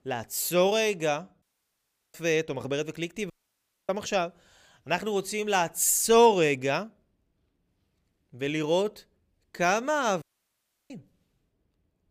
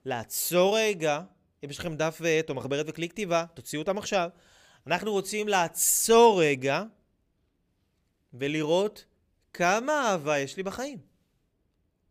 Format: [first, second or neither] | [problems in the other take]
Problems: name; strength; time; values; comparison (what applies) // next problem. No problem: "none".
second | audio cutting out; at 1.5 s for 0.5 s, at 3.5 s for 0.5 s and at 10 s for 0.5 s